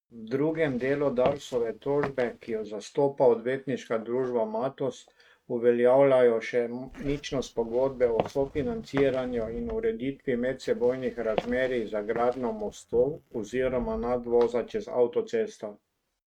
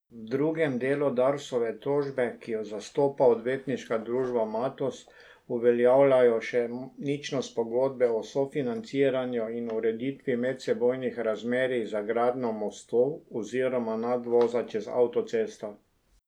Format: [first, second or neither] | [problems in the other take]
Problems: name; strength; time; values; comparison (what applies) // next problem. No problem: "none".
second | noise reduction (neural mask model RNNoise)